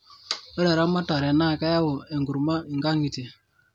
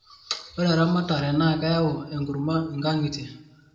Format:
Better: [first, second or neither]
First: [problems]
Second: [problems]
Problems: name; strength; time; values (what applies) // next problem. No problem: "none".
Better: first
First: none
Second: room echo; dies away in 0.7 s